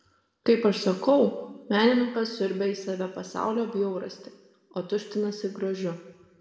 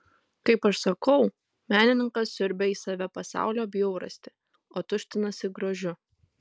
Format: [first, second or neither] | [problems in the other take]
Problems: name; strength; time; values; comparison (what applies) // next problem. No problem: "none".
second | room echo; dies away in 0.9 s